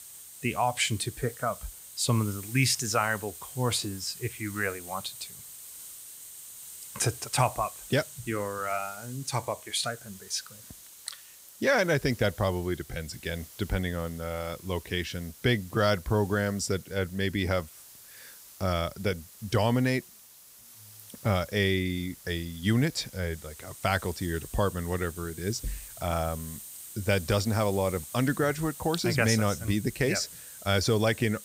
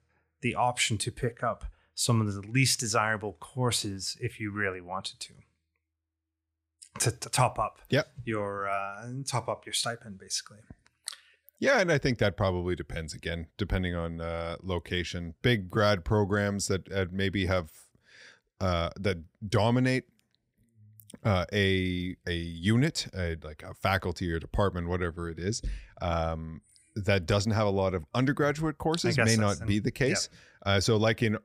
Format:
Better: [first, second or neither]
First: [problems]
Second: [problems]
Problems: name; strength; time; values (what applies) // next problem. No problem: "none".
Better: second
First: hiss; noticeable; throughout; 15 dB below the speech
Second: none